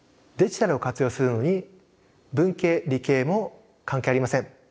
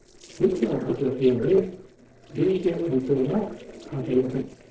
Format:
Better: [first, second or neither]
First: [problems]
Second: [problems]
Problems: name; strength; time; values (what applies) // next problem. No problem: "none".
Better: first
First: none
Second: noise reduction (neural separator model SepFormer DNS4)